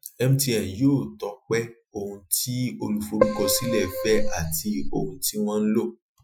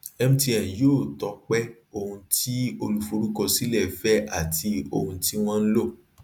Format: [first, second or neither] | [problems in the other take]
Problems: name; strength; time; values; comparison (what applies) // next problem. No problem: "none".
second | noise reduction (classical method Wiener filter)